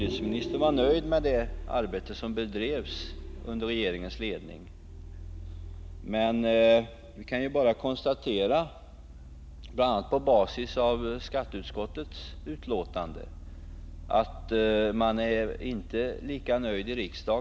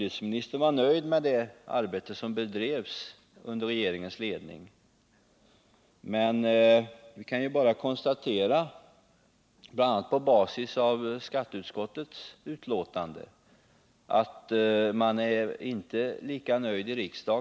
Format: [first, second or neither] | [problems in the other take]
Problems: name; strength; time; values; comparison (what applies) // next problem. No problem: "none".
second | background sound (Vehicle); 11 dB below the speech